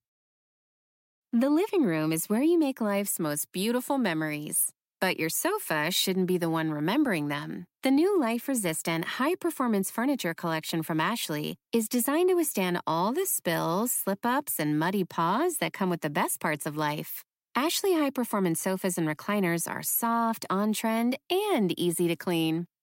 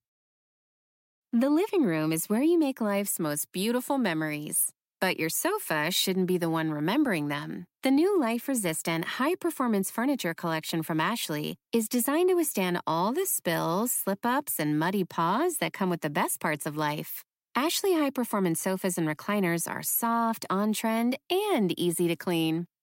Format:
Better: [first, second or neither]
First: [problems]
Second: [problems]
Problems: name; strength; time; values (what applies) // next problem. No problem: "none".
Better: neither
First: none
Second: none